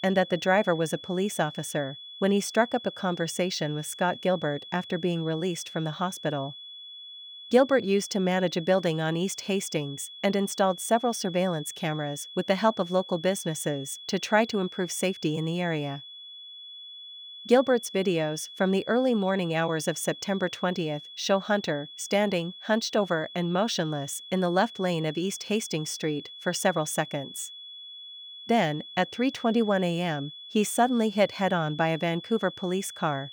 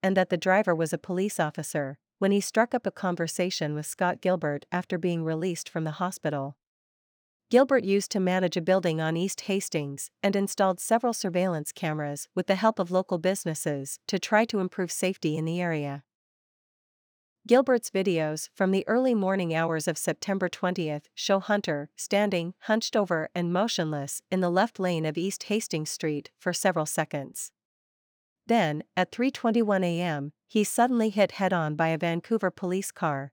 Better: second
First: high-pitched whine; noticeable; throughout; 3.5 kHz, 15 dB below the speech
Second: none

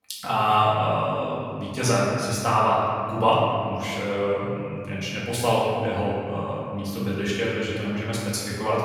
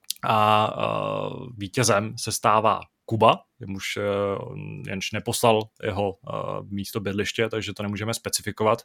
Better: second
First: off-mic speech; far // room echo; strong; dies away in 2.2 s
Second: none

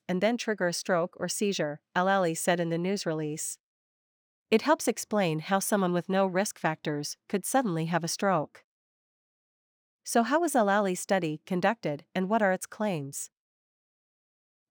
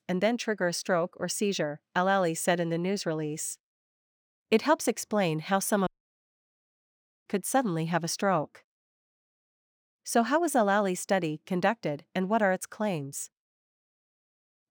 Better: first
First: none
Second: audio cutting out; at 6 s for 1.5 s

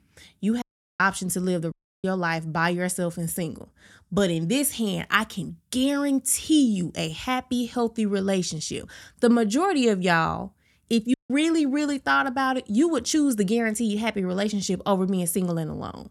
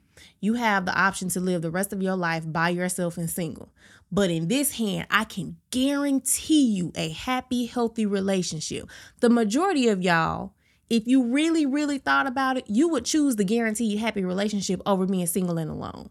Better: second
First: audio cutting out; at 0.5 s, at 1.5 s and at 11 s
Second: none

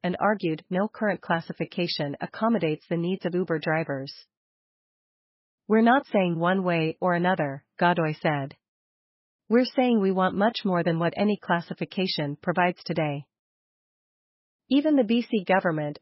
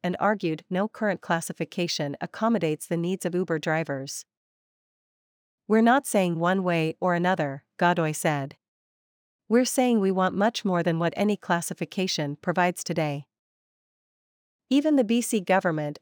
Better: second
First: garbled, watery; badly; nothing above 5.5 kHz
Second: none

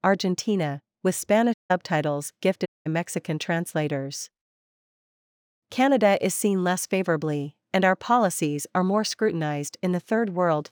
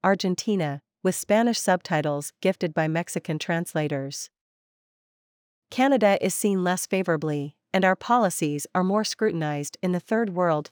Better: second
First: audio cutting out; at 1.5 s and at 2.5 s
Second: none

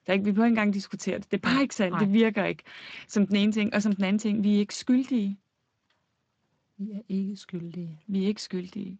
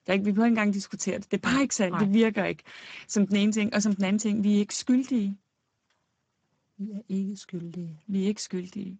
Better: first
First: garbled, watery; slightly; nothing above 7.5 kHz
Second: garbled, watery; badly; nothing above 7.5 kHz

